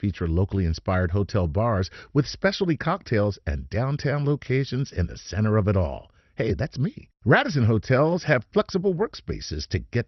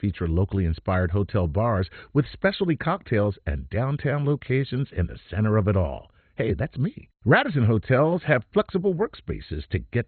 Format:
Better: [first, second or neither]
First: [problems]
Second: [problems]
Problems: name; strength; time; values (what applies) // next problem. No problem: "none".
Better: first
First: garbled, watery; slightly; nothing above 6 kHz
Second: garbled, watery; badly; nothing above 4 kHz